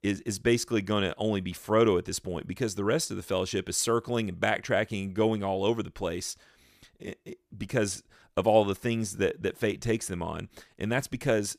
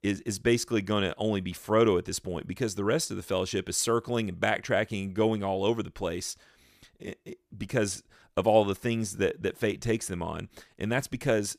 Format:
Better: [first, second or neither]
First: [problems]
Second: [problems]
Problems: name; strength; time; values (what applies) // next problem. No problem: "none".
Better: neither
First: none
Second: none